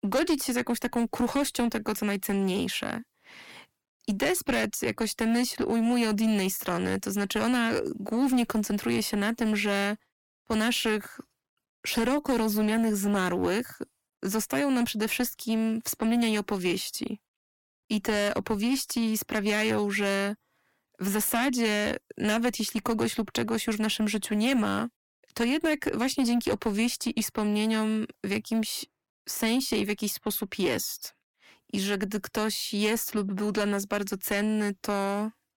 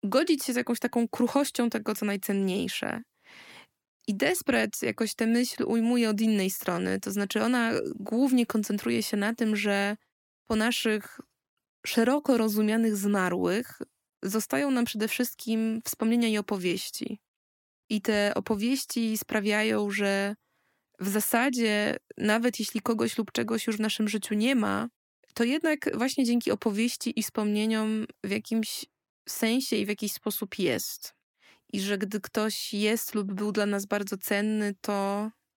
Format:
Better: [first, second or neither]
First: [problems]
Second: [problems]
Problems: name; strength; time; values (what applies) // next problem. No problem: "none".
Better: second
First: distortion; slight; 9% of the sound clipped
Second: none